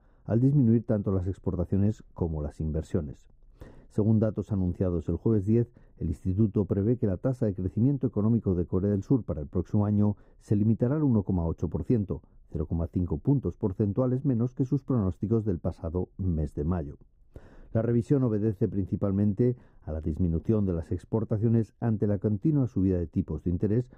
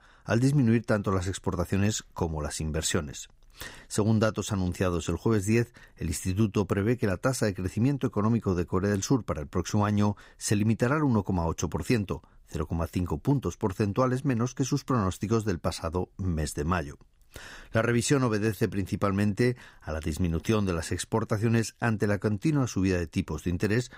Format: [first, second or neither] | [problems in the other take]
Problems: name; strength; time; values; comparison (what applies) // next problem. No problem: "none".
second | muffled; very; fading above 1 kHz